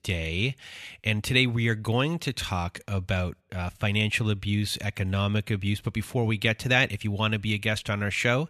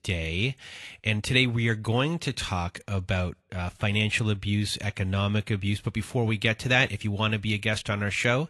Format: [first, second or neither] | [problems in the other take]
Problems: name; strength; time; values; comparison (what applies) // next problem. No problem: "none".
first | garbled, watery; slightly; nothing above 11.5 kHz